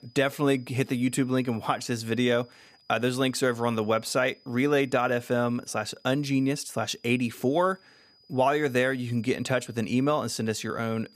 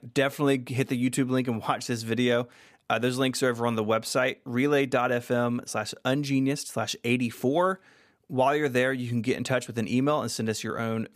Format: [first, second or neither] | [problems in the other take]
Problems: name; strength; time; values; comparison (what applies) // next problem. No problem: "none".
second | high-pitched whine; faint; throughout; 5 kHz, 30 dB below the speech